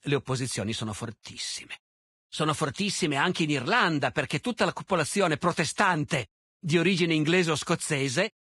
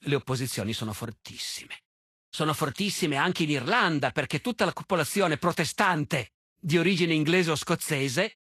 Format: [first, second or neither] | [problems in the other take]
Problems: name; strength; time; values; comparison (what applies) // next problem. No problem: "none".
second | garbled, watery; badly; nothing above 10.5 kHz; slightly in the second